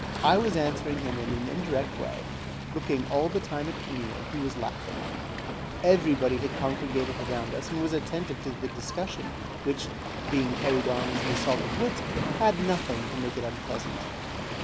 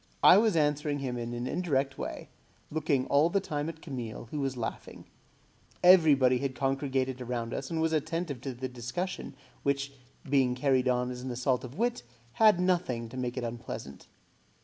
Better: second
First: background sound (Waves, surf); 4 dB below the speech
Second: none

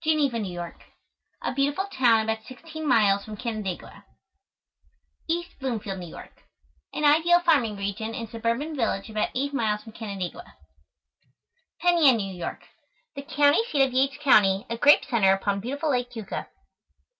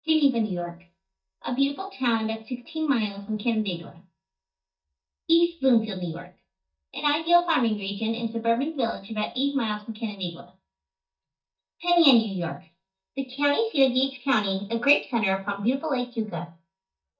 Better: first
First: none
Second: noise reduction (neural mask model DeepFilterNet 3)

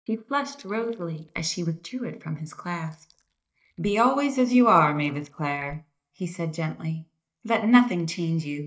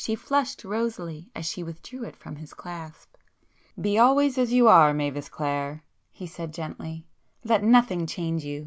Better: second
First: noise reduction (neural mask model DeepFilterNet 3)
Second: none

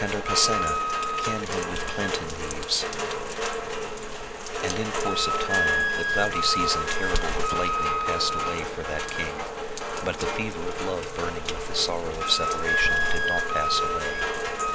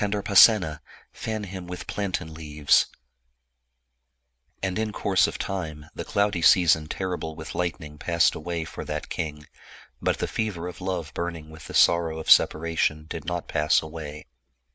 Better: second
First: background sound (Rain + Wind instrument, woodwind instrument); 5 dB above the speech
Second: none

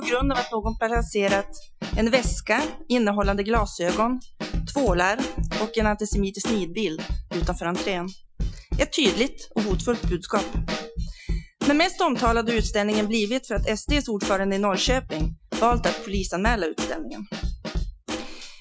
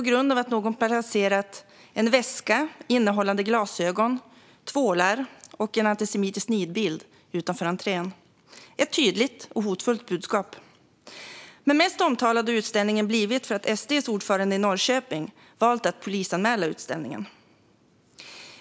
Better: second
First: noise reduction (classical method Wiener filter)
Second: none

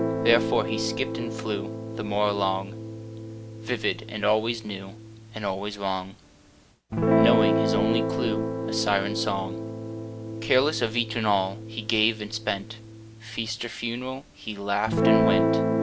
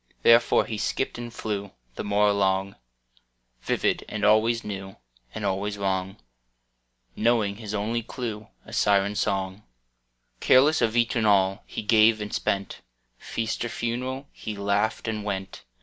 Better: second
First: background sound (Guitar); 1 dB above the speech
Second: none

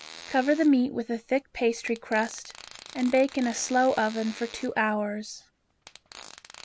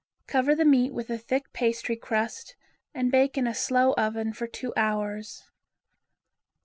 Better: second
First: background sound (Fart); 20 dB below the speech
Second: none

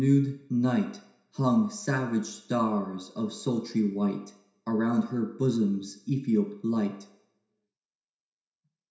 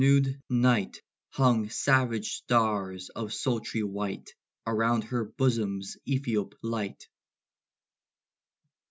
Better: second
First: room echo; dies away in 0.7 s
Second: none

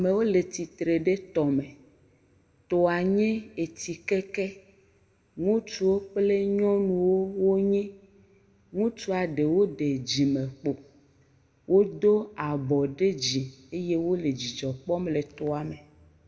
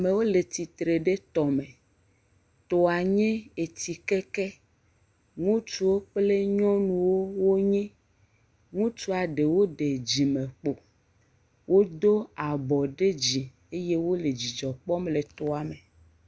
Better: second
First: room echo; dies away in 1.2 s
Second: none

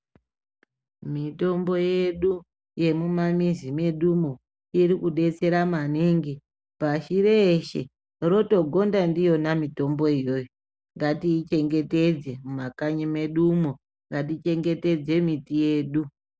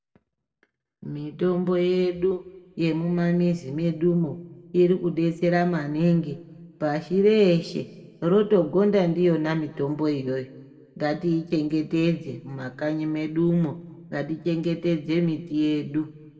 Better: first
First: none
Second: room echo; dies away in 1 s

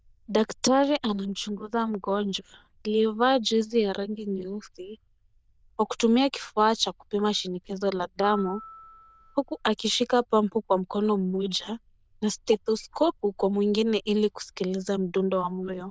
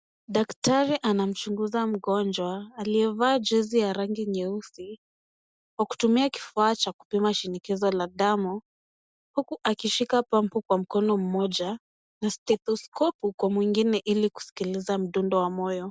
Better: second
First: noise reduction (neural diffusion model UNIVERSE++)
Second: none

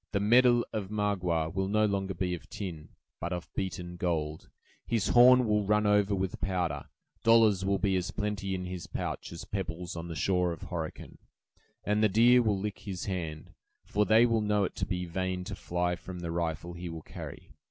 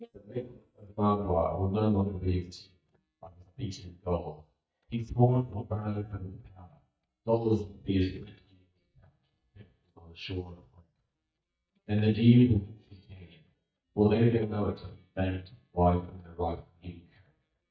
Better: first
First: none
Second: noise reduction (neural mask model DeepFilterNet 3)

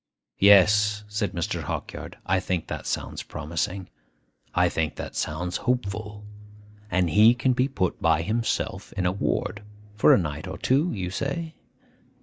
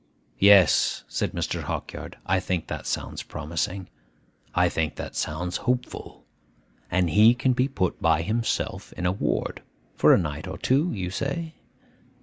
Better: second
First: noise reduction (neural mask model DeepFilterNet 3)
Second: none

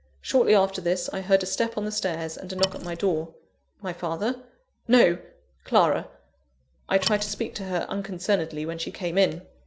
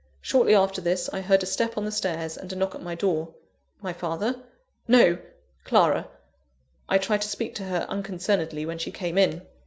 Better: second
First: background sound (Wood); 9 dB below the speech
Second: none

